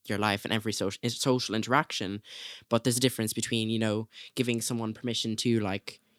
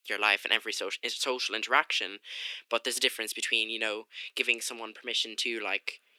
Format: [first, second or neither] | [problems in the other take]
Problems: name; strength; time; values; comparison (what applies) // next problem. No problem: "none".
first | thin; very; fading below 350 Hz